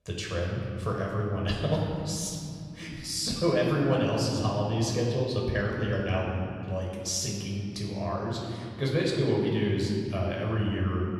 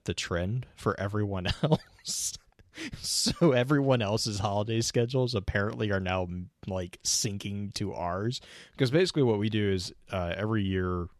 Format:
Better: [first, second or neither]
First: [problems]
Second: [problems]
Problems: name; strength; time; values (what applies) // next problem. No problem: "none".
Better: second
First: off-mic speech; far // room echo; noticeable; dies away in 2.4 s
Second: none